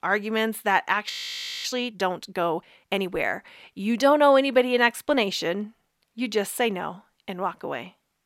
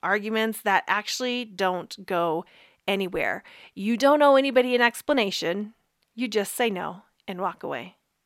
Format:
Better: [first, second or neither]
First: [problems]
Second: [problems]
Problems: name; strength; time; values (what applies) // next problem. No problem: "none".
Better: second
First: audio freezing; at 1 s for 0.5 s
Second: none